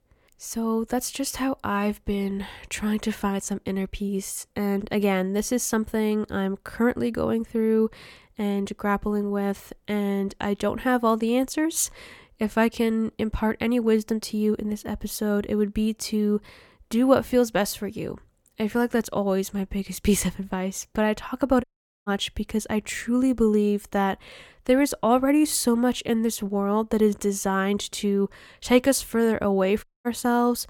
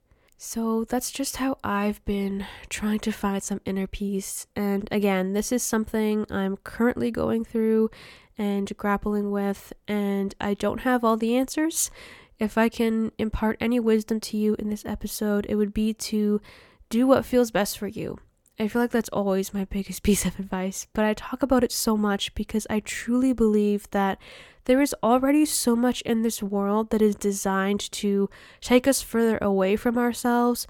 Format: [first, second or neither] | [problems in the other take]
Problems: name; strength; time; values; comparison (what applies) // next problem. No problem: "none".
second | audio cutting out; at 22 s and at 30 s